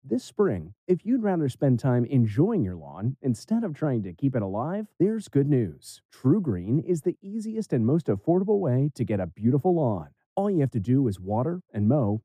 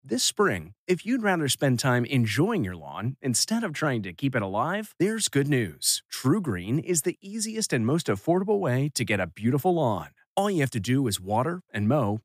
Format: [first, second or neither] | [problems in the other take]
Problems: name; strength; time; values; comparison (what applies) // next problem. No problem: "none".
second | muffled; very; fading above 1 kHz